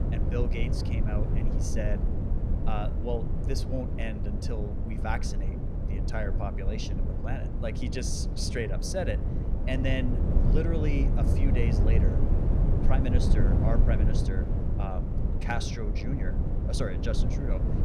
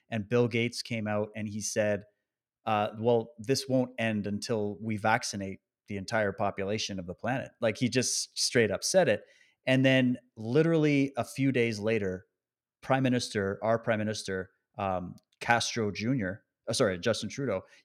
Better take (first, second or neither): second